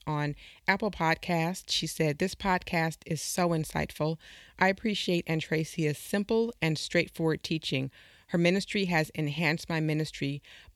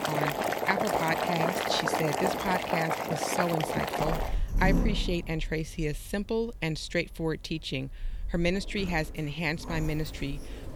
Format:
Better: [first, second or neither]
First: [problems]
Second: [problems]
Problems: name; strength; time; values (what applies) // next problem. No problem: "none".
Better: first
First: none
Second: household noises; very loud; throughout; as loud as the speech